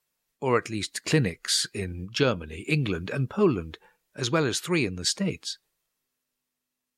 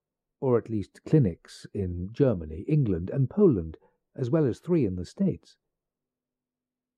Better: first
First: none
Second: muffled; very; fading above 1 kHz

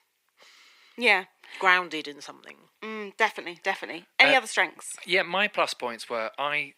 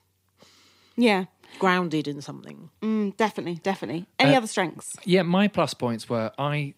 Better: second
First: thin; very; fading below 500 Hz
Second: none

